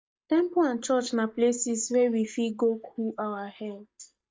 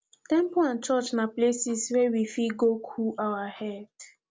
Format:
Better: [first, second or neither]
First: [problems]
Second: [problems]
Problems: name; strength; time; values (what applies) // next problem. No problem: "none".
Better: second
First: noise reduction (neural mask model DeepFilterNet 3)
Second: none